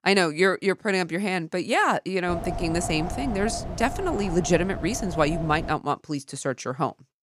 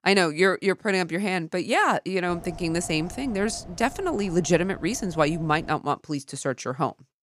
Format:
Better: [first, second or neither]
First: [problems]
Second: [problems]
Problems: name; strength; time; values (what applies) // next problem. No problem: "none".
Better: second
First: wind noise on the microphone; heavy; from 2.5 to 5.5 s; 9 dB below the speech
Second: wind noise on the microphone; occasional gusts; from 2.5 to 5.5 s; 20 dB below the speech